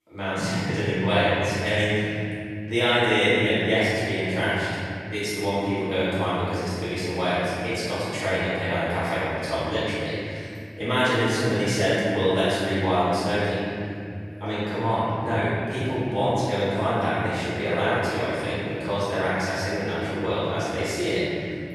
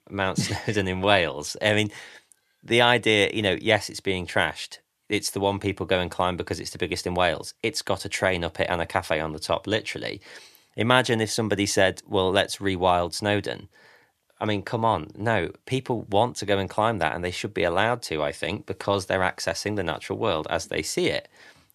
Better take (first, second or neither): second